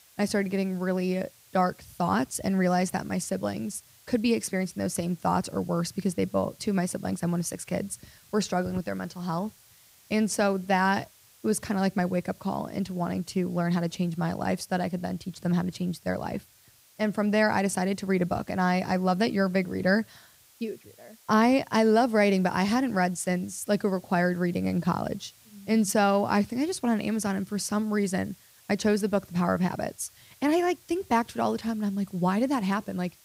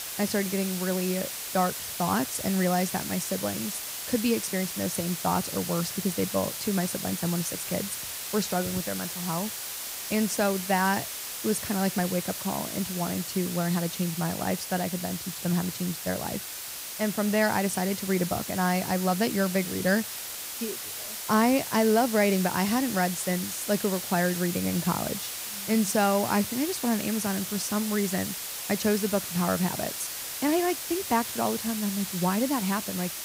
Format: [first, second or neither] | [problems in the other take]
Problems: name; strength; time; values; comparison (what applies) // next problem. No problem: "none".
first | hiss; loud; throughout; 5 dB below the speech; faint in the first